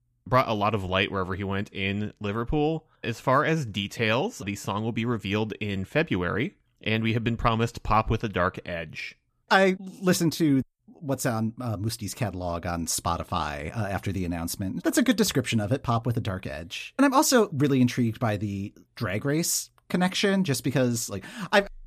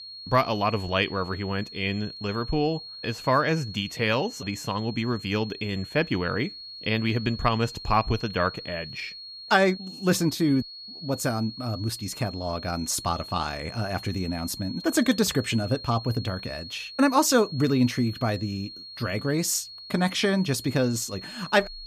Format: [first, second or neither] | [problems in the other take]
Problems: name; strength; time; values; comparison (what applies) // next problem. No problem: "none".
first | high-pitched whine; noticeable; throughout; 4.5 kHz, 10 dB below the speech